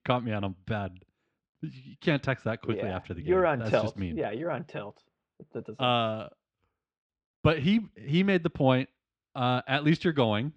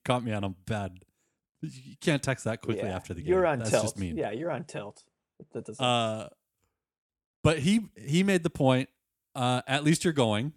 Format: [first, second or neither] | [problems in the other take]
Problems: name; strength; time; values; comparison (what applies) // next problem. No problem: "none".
second | muffled; slightly; fading above 4 kHz